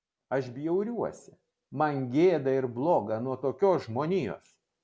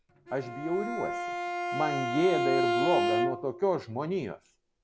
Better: first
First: none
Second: background sound (Bowed string instrument); as loud as the speech

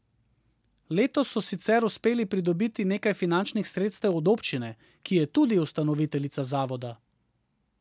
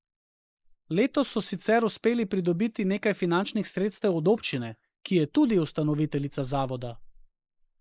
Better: first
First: none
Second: noise reduction (neural mask model Resemble Enhance denoiser)

